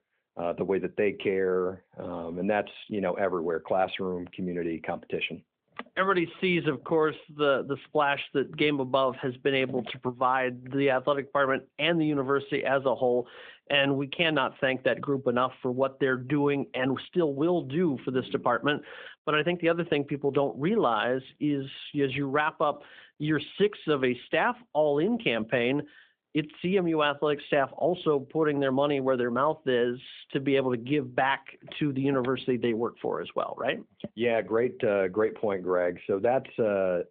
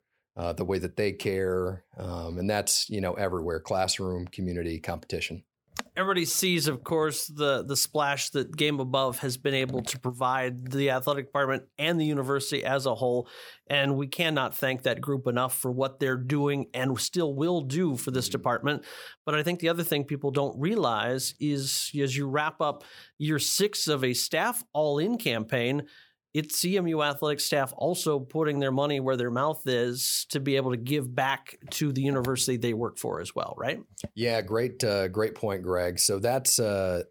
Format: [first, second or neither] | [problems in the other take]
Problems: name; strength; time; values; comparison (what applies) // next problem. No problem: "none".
second | phone-call audio